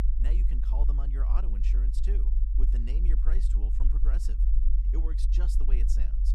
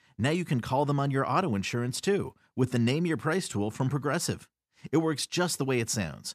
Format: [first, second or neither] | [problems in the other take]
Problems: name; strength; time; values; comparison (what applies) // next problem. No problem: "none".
second | low rumble; loud; throughout; 3 dB below the speech